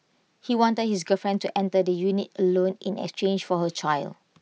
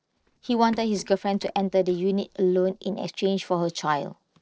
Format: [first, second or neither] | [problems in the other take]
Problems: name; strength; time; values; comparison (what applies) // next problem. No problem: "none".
first | noise reduction (neural separator model SepFormer DNS4)